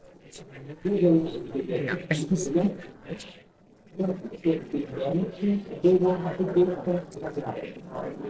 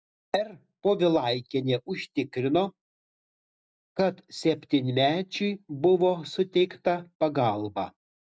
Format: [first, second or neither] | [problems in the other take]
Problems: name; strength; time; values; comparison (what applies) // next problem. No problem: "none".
second | noise reduction (neural separator model SepFormer DNS4)